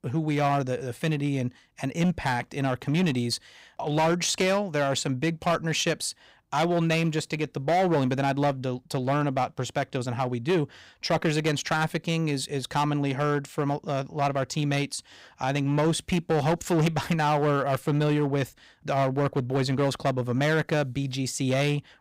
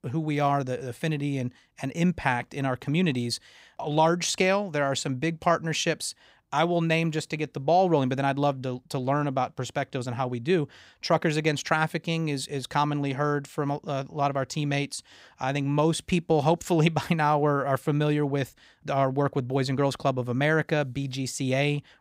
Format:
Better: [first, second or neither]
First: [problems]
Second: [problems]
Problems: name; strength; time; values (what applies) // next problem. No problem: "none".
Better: second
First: distortion; slight; 7% of the sound clipped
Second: none